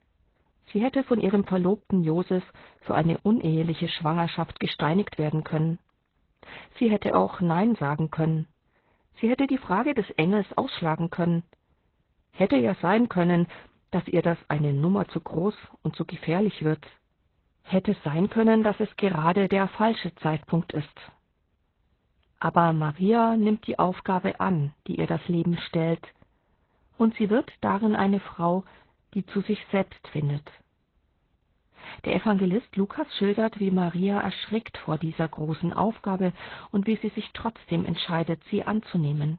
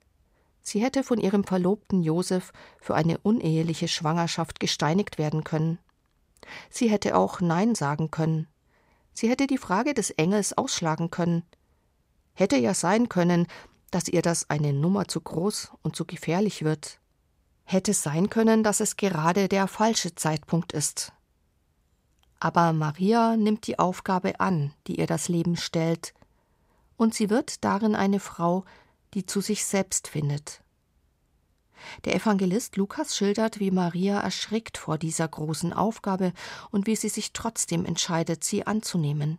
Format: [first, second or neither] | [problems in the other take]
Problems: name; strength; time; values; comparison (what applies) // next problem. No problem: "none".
second | garbled, watery; badly; nothing above 4 kHz